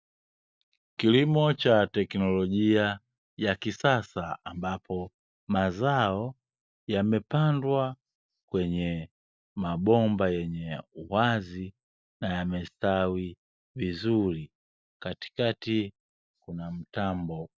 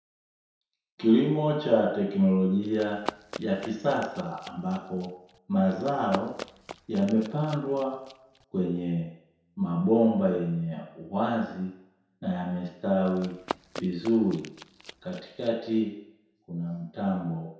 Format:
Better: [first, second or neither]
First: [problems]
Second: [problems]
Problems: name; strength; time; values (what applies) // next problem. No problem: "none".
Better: first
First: none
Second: background sound (Run); 15 dB below the speech // room echo; dies away in 0.7 s